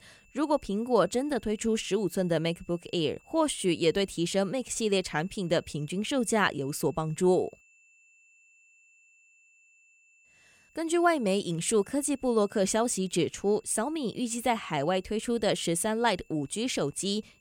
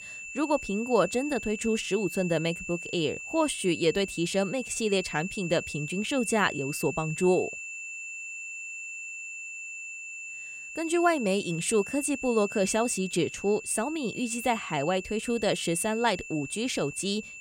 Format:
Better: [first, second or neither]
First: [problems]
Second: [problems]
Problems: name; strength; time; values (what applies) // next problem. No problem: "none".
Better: first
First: high-pitched whine; faint; throughout; 2.5 kHz, 30 dB below the speech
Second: high-pitched whine; loud; throughout; 2.5 kHz, 9 dB below the speech